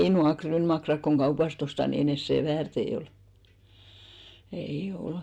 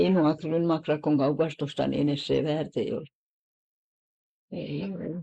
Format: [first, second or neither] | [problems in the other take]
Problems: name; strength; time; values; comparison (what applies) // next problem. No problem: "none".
first | noise reduction (neural mask model Resemble Enhance denoiser)